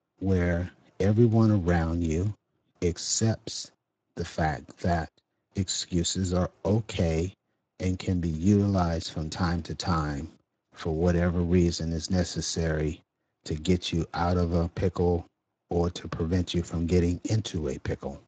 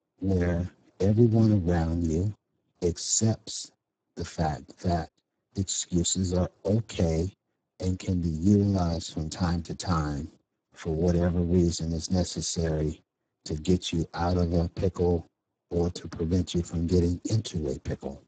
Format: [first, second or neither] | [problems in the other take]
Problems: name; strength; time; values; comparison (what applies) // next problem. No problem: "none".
first | garbled, watery; badly; nothing above 7.5 kHz; slightly in the first